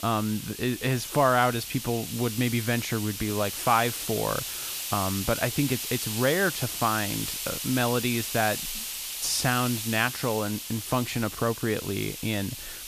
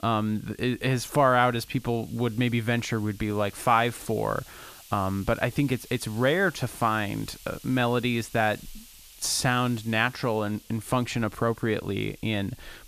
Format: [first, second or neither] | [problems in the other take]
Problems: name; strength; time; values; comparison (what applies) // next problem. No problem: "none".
second | hiss; loud; throughout; 5 dB below the speech; faint in the second